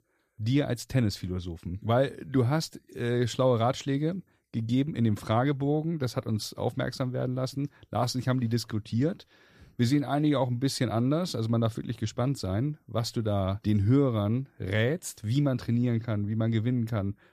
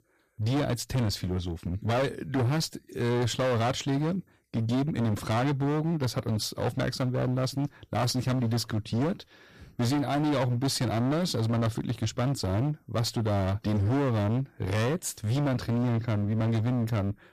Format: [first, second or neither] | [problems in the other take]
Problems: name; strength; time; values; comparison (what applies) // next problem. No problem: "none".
first | distortion; heavy; 24% of the sound clipped